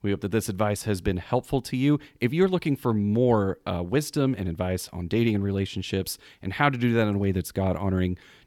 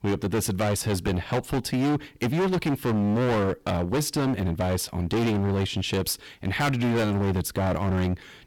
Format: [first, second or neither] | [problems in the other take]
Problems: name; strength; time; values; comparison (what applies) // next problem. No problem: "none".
first | distortion; heavy; 25% of the sound clipped